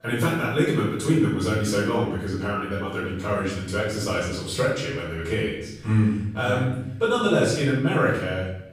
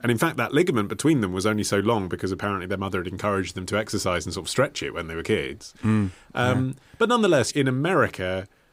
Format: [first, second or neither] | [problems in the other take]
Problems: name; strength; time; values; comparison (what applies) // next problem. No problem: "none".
second | off-mic speech; far // room echo; noticeable; dies away in 0.8 s